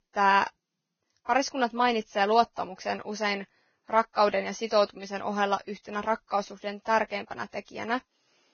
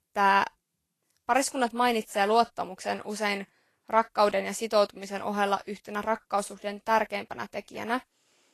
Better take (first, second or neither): second